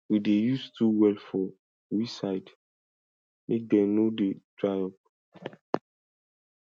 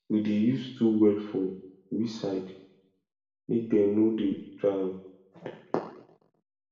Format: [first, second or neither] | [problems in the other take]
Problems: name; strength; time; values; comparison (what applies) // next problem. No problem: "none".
first | room echo; dies away in 0.7 s